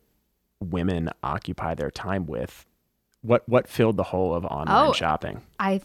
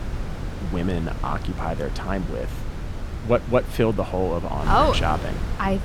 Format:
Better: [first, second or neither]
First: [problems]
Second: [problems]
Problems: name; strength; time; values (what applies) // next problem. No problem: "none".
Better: first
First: none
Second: wind noise on the microphone; occasional gusts; 15 dB below the speech